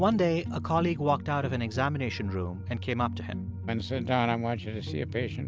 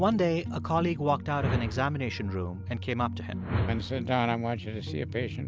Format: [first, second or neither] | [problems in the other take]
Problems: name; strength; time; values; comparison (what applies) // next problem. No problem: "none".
first | background sound (Whoosh, swoosh, swish); 7 dB below the speech